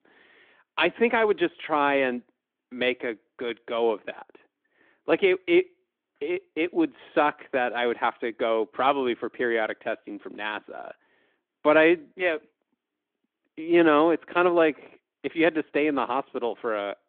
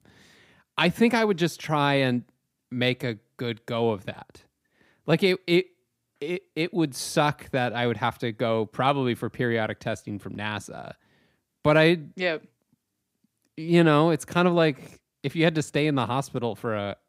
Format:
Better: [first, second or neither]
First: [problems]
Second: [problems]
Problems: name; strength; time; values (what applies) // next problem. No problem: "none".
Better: second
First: phone-call audio; nothing above 3.5 kHz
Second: none